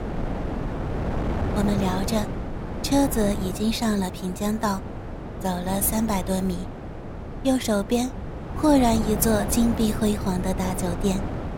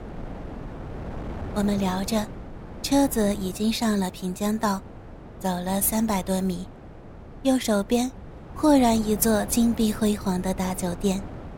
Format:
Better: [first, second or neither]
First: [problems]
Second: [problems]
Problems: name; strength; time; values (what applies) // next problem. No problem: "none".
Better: second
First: wind noise on the microphone; heavy; 8 dB below the speech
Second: wind noise on the microphone; occasional gusts; 15 dB below the speech